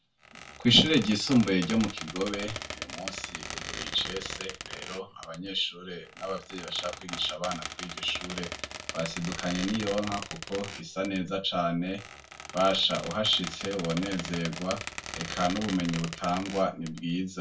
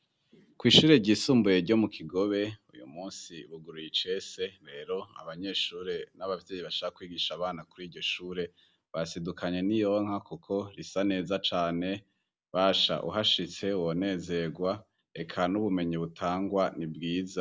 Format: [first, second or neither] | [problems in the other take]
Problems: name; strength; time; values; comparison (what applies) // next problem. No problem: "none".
second | background sound (Squeak); 10 dB below the speech // room echo; dies away in 0.2 s